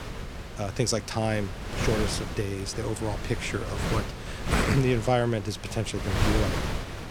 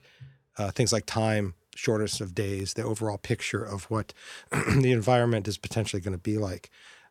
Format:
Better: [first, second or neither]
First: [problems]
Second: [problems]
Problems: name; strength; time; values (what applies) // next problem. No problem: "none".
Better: second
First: wind noise on the microphone; heavy; 4 dB below the speech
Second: none